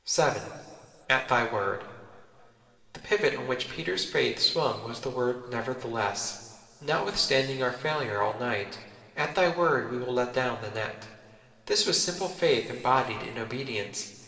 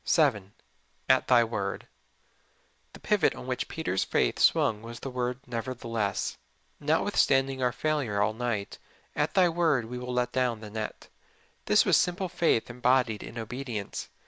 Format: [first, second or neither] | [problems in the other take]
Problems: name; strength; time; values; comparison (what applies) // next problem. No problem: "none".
second | room echo; dies away in 2.9 s